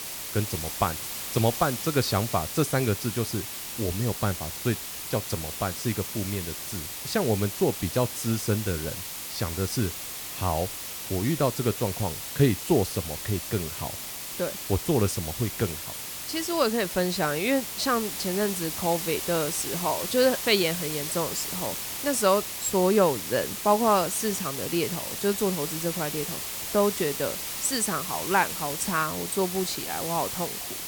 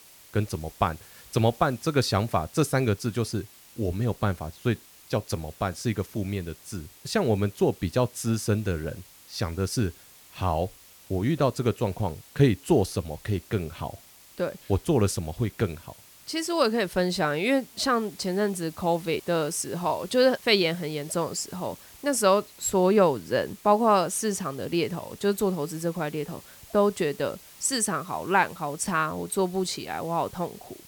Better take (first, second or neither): second